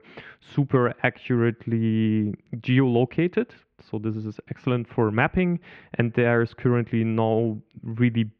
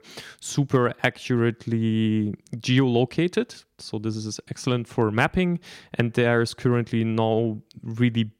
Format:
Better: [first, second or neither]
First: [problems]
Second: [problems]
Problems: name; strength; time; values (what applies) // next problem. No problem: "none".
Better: second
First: muffled; very; fading above 2.5 kHz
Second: none